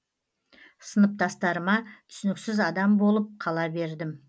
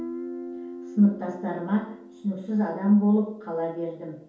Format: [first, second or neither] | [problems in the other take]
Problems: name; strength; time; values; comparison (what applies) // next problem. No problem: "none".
first | background sound (Guitar); 14 dB below the speech // room echo; dies away in 0.7 s